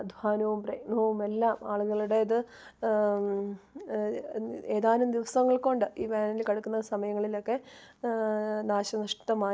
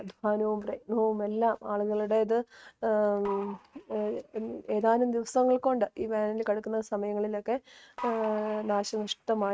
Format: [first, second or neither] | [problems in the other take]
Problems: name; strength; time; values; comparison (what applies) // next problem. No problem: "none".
first | noise reduction (neural mask model RNNoise)